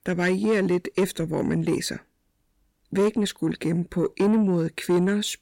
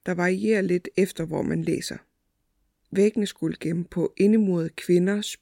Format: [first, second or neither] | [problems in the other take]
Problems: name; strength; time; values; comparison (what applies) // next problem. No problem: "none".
second | distortion; slight; 10 dB below the speech